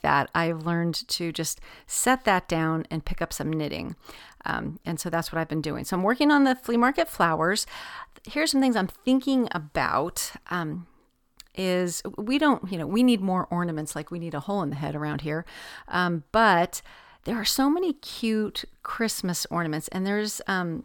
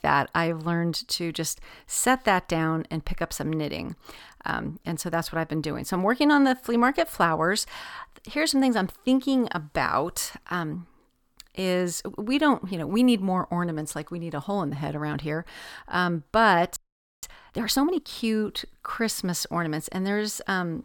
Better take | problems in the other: first | audio freezing; at 17 s

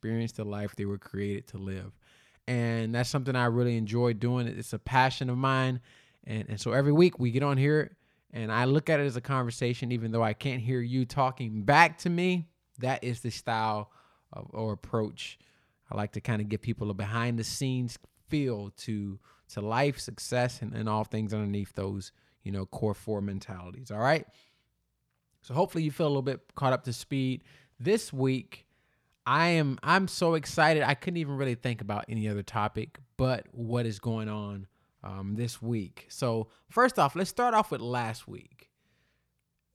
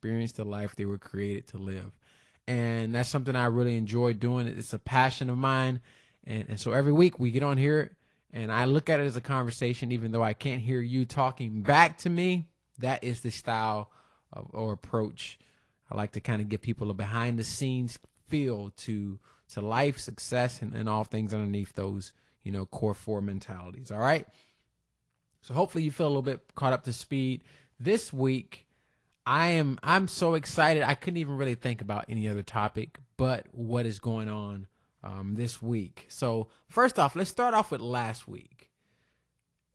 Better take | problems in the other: first | garbled, watery; slightly

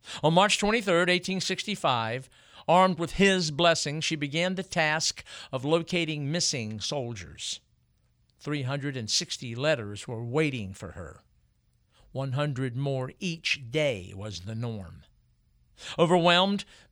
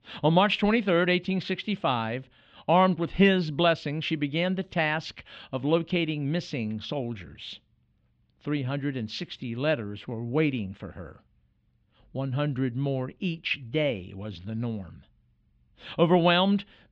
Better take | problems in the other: first | muffled; slightly; fading above 3.5 kHz

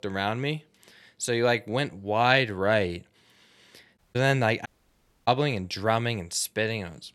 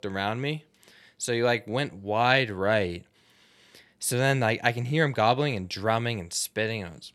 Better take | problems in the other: second | audio cutting out; at 4 s and at 4.5 s for 0.5 s

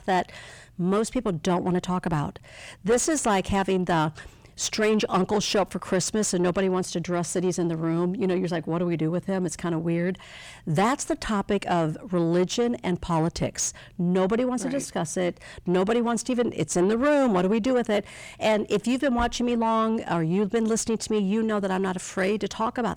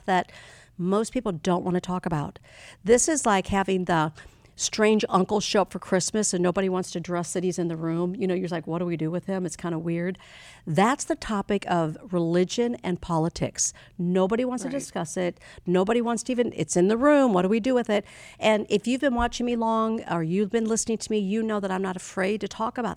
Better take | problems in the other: second | distortion; slight; 10 dB below the speech

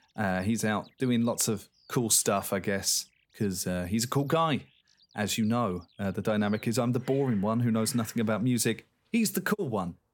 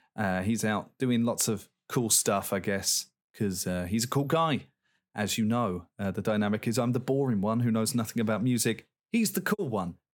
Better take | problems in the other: second | animal sounds; faint; throughout; 30 dB below the speech

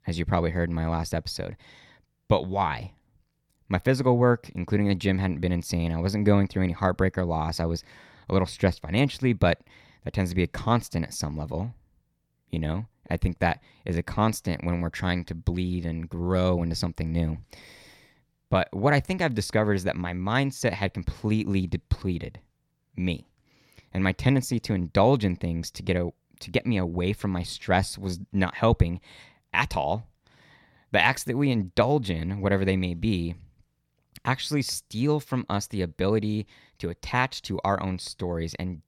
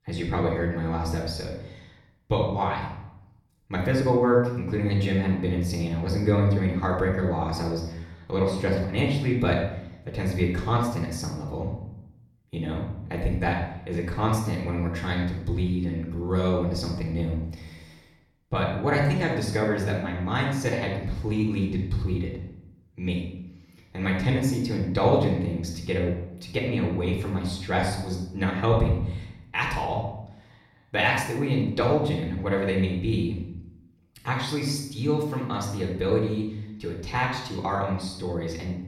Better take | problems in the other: first | off-mic speech; far // room echo; noticeable; dies away in 0.7 s

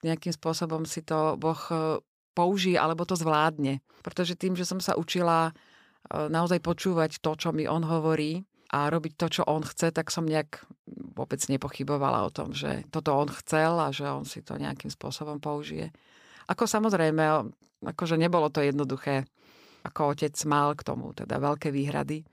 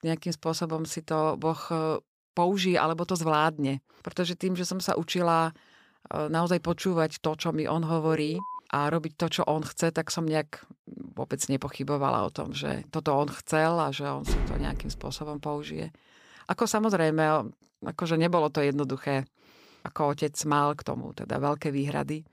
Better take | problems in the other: first | alarm; noticeable; at 8 s; peak 9 dB below the speech // door banging; noticeable; at 14 s; peak 3 dB below the speech

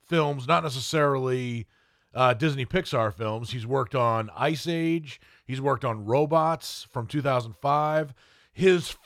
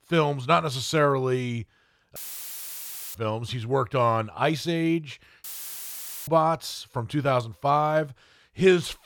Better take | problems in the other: first | audio cutting out; filled with static; at 2 s for 1 s and at 5.5 s for 1 s

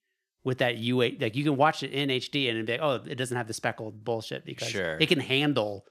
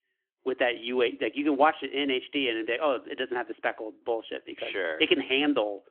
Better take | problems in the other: first | phone-call audio; nothing above 3.5 kHz

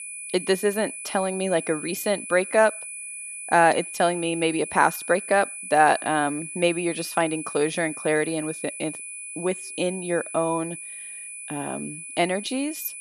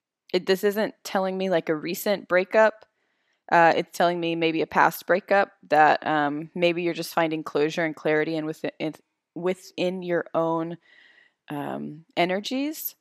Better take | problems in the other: second | high-pitched whine; loud; throughout; 10 kHz, 9 dB below the speech

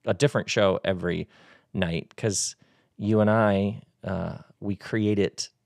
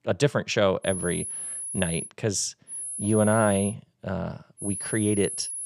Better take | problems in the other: first | high-pitched whine; loud; from 1 to 2 s, from 2.5 to 3.5 s and from 4.5 s on; 10.5 kHz, 6 dB below the speech

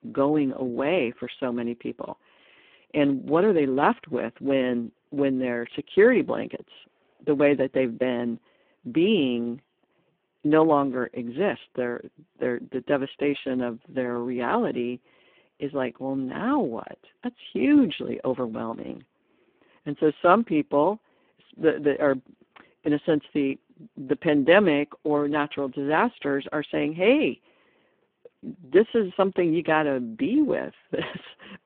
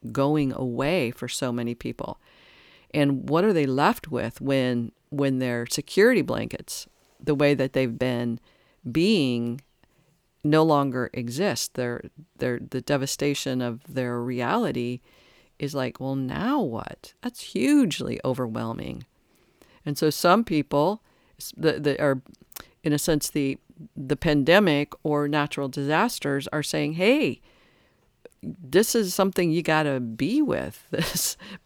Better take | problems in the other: second | phone-call audio; poor line

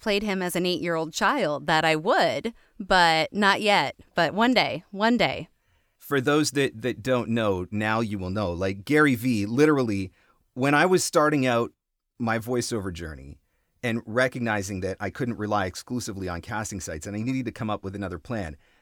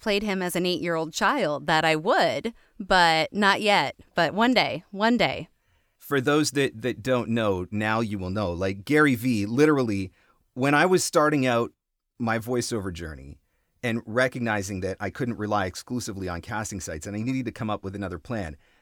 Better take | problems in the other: neither | none

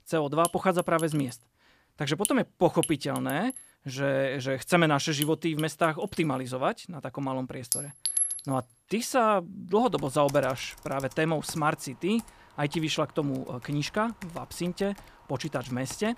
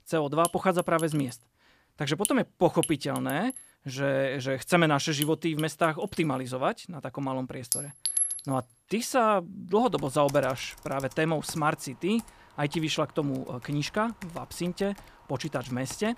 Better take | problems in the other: neither | household noises; loud; throughout; 7 dB below the speech; the same in both

